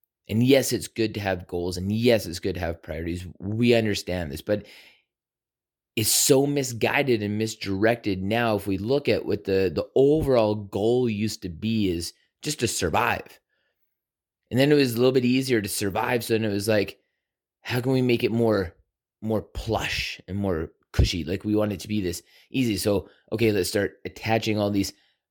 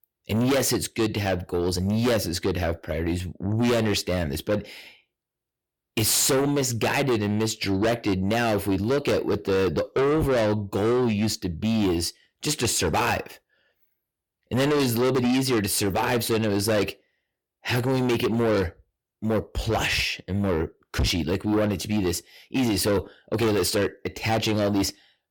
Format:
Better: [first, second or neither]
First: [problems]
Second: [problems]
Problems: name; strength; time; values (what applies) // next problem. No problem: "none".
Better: first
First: none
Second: distortion; heavy; 6 dB below the speech